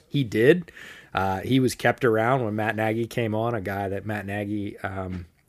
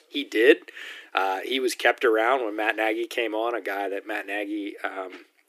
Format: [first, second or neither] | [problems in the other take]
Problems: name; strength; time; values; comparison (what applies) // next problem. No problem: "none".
first | thin; somewhat; fading below 300 Hz